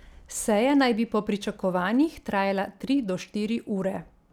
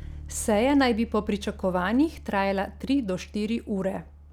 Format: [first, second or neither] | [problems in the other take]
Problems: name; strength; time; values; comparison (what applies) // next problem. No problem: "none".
first | background sound (Bass guitar); 16 dB below the speech